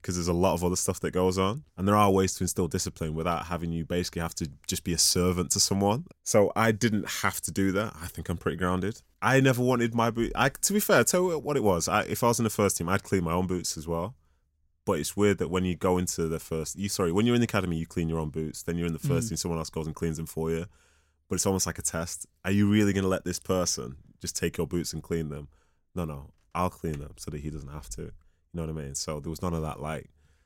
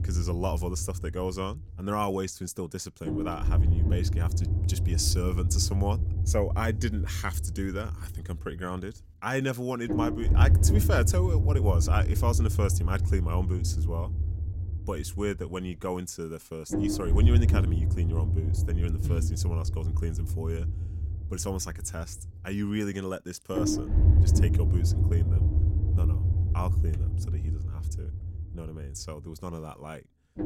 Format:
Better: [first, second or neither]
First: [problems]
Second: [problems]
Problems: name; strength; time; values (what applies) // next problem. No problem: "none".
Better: first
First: none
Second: low rumble; loud; throughout; 6 dB below the speech